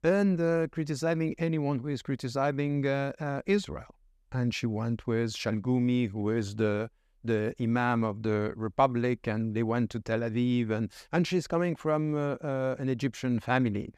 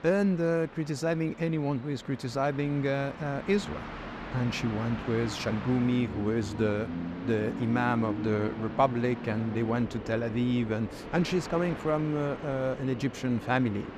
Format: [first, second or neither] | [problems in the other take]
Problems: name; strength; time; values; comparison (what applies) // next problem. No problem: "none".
first | train or aircraft noise; loud; throughout; 10 dB below the speech